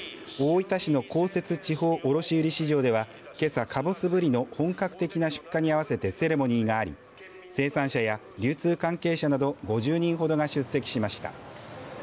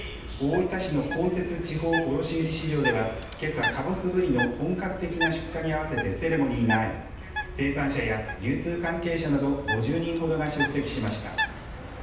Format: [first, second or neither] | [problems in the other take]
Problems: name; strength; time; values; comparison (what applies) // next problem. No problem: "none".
first | background sound (Bird); 7 dB below the speech // room echo; dies away in 0.9 s